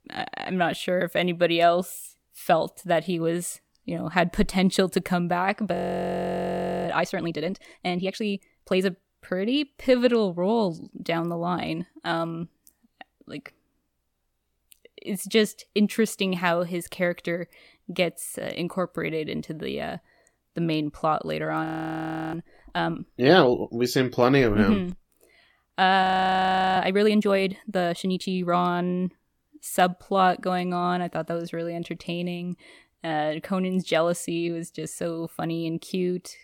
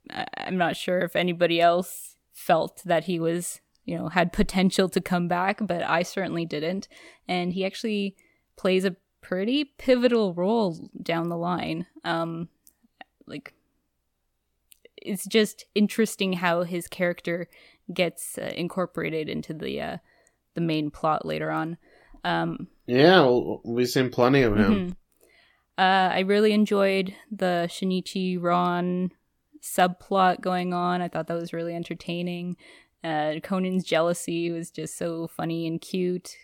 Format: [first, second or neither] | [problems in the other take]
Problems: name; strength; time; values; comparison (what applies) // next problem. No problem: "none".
second | audio freezing; at 5.5 s for 1 s, at 22 s for 0.5 s and at 26 s for 0.5 s